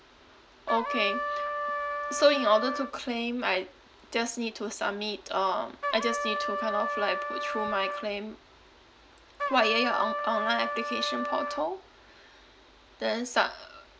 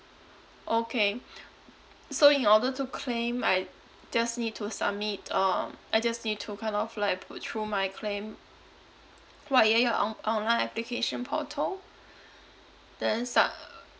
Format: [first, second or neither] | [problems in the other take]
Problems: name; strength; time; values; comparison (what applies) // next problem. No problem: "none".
second | background sound (Trumpet); 2 dB below the speech